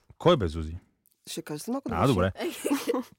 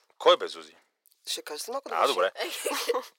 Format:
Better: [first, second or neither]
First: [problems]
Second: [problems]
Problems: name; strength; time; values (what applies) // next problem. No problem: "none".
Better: first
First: none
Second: thin; very; fading below 500 Hz